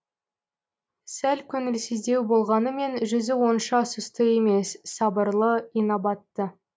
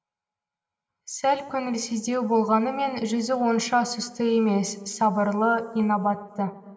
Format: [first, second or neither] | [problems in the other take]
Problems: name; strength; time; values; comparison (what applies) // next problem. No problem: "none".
first | room echo; dies away in 2.4 s